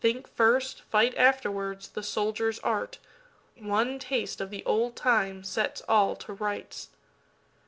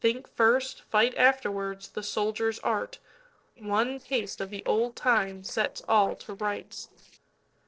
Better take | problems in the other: first | noise reduction (neural separator model SepFormer DNS4)

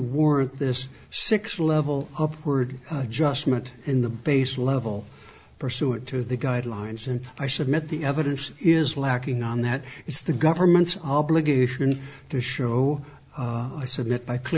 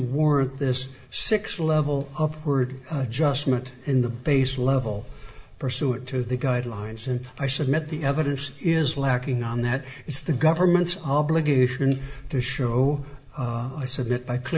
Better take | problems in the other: first | background sound (Insect); 20 dB below the speech // room echo; dies away in 0.6 s

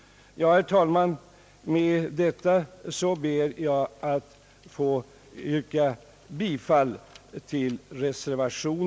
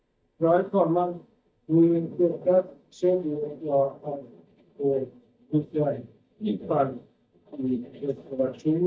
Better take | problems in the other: first | noise reduction (neural mask model DeepFilterNet 3)

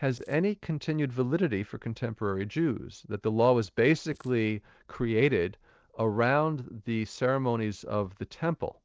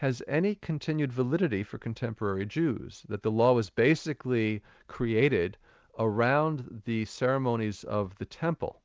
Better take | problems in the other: second | noise reduction (neural separator model SepFormer DNS4)

